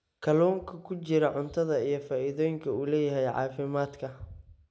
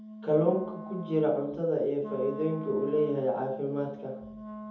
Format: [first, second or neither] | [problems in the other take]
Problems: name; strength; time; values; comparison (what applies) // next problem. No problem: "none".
first | background sound (Wind instrument, woodwind instrument); 13 dB below the speech // room echo; dies away in 0.6 s